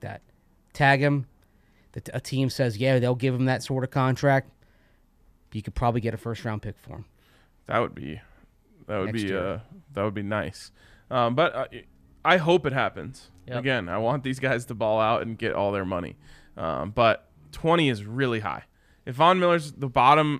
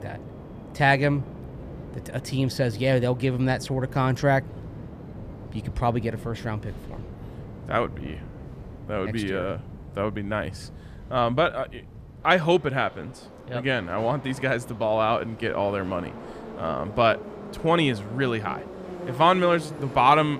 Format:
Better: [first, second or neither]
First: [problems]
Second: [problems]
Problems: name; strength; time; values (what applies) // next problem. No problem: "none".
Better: first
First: none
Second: train or aircraft noise; noticeable; throughout; 15 dB below the speech